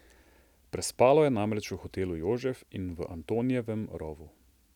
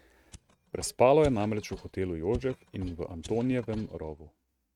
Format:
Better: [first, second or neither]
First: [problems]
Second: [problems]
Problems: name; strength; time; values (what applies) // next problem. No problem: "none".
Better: first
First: none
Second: noise reduction (neural mask model RNNoise)